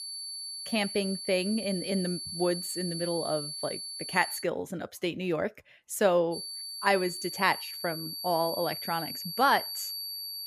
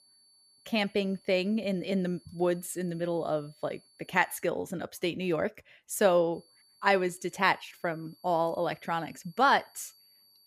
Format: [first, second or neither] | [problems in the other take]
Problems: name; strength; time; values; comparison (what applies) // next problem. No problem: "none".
second | high-pitched whine; loud; until 4.5 s and from 6.5 s on; 4.5 kHz, 6 dB below the speech; faint in the second